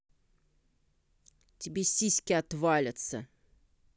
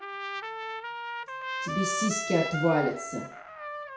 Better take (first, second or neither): first